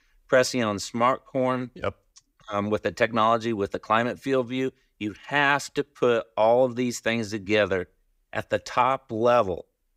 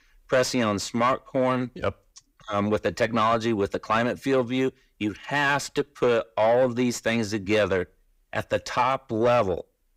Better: first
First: none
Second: distortion; slight; 10 dB below the speech

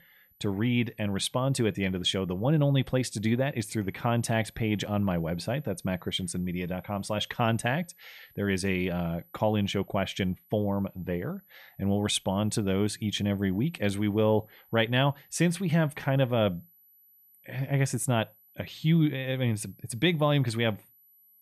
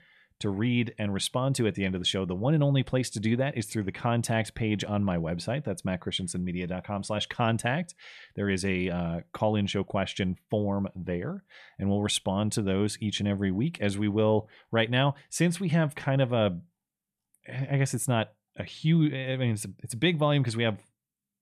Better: second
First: high-pitched whine; faint; throughout; 12 kHz, 30 dB below the speech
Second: none

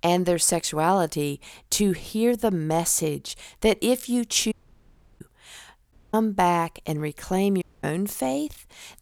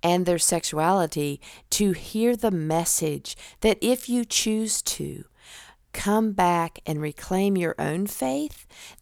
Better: second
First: audio cutting out; at 4.5 s for 0.5 s, at 6 s and at 7.5 s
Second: none

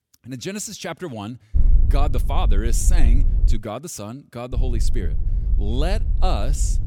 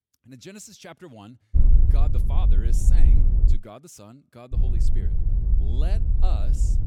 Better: first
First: wind noise on the microphone; occasional gusts; from 1.5 to 3.5 s and from 4.5 s on; 15 dB below the speech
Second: wind noise on the microphone; heavy; from 1.5 to 3.5 s and from 4.5 s on; 1 dB below the speech

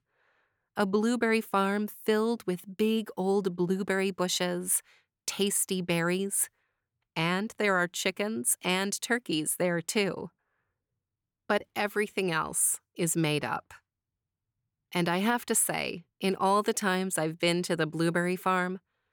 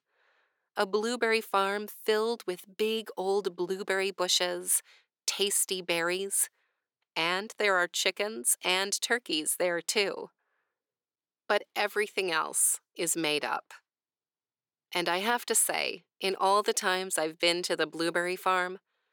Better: first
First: none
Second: thin; somewhat; fading below 450 Hz

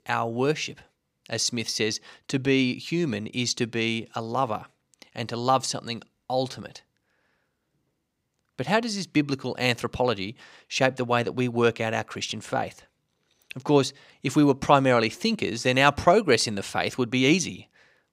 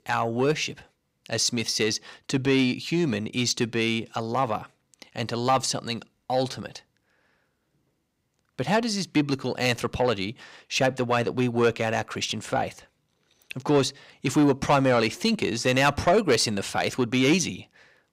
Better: first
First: none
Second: distortion; slight; 10 dB below the speech

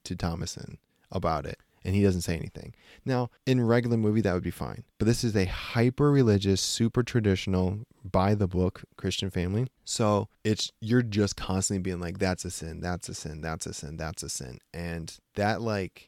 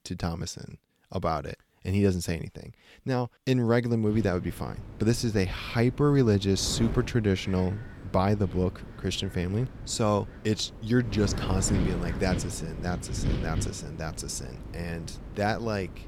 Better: first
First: none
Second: wind noise on the microphone; occasional gusts; from 4 s on; 15 dB below the speech

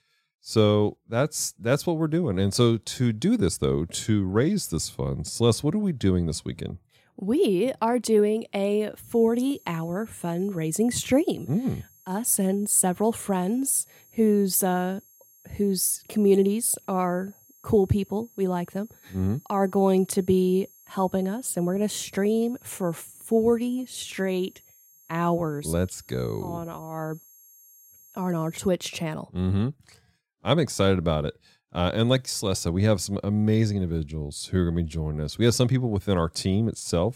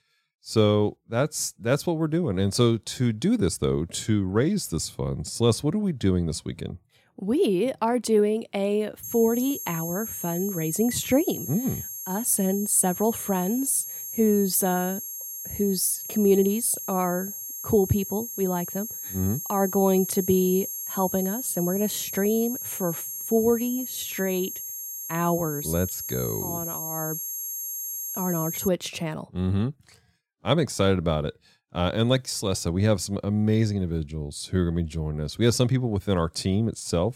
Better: first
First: high-pitched whine; faint; from 9 to 29 s; 11.5 kHz, 25 dB below the speech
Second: high-pitched whine; loud; from 9 to 29 s; 11.5 kHz, 6 dB below the speech

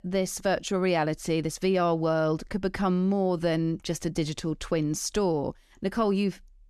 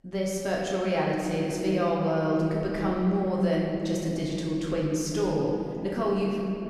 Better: first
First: none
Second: room echo; noticeable; dies away in 2.9 s // off-mic speech; far

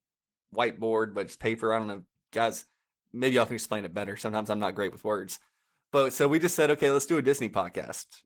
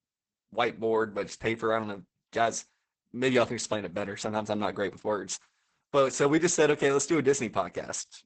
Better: first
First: garbled, watery; slightly; nothing above 18 kHz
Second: garbled, watery; badly; nothing above 8 kHz

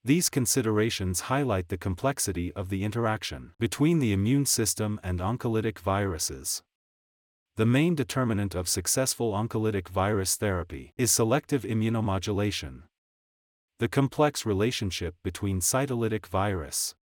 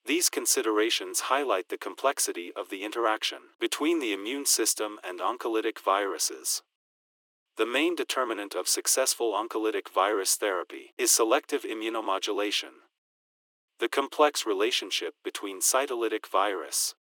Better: first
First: none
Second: thin; very; fading below 300 Hz

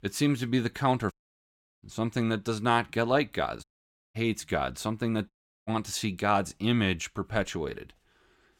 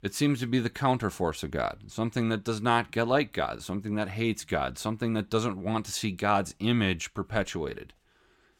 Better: second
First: audio cutting out; at 1 s for 0.5 s, at 3.5 s and at 5.5 s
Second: none

